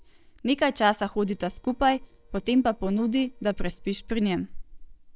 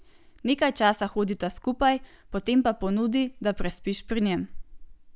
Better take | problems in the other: second | noise reduction (neural separator model SepFormer DNS4)

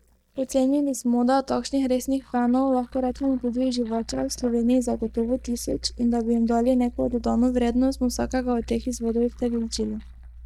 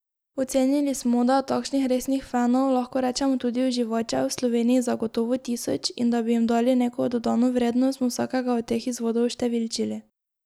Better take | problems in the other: second | noise reduction (neural mask model DeepFilterNet 3)

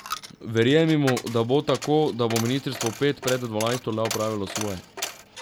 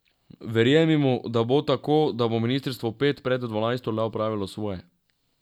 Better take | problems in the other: second | background sound (Coin (dropping)); 11 dB below the speech

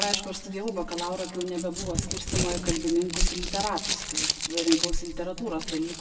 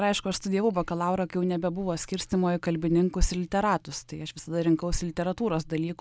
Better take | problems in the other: second | background sound (Crumpling, crinkling); 3 dB below the speech // room echo; dies away in 1.3 s

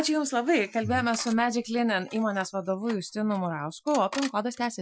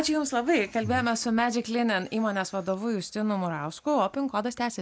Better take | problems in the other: second | noise reduction (classical method Wiener filter)

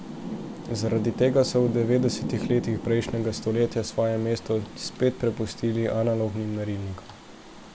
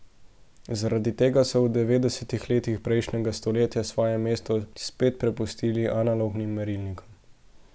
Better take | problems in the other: second | background sound (Rain); 11 dB below the speech

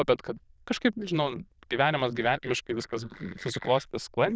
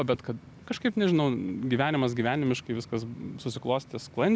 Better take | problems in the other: second | noise reduction (neural diffusion model UNIVERSE++)

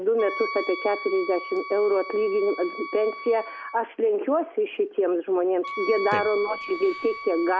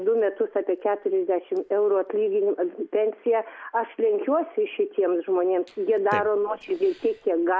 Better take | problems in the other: second | background sound (Wind instrument, woodwind instrument); 12 dB below the speech

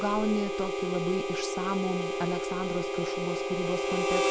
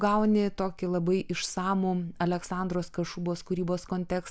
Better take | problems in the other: second | background sound (Harmonica); 1 dB above the speech

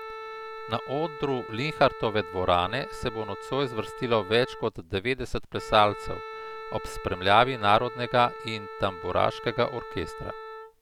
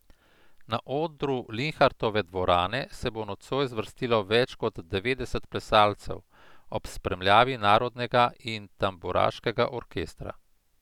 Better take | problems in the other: second | background sound (Wind instrument, woodwind instrument); 12 dB below the speech

